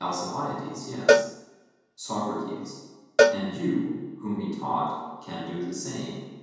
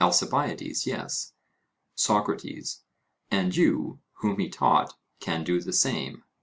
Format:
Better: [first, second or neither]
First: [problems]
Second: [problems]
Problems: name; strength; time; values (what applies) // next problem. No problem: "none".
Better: second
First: background sound (Cowbell); 5 dB above the speech // room echo; dies away in 1.2 s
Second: none